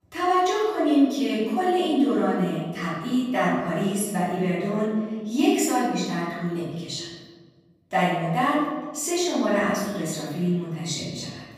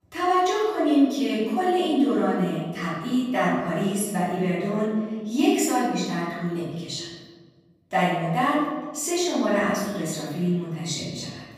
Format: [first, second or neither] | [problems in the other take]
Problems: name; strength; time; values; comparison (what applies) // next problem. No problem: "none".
neither | room echo; strong; dies away in 1.3 s; the same in both // off-mic speech; far; the same in both